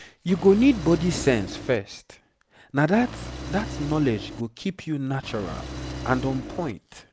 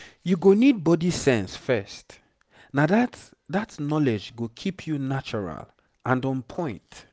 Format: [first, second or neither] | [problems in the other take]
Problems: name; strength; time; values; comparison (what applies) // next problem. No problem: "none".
second | background sound (Engine); 10 dB below the speech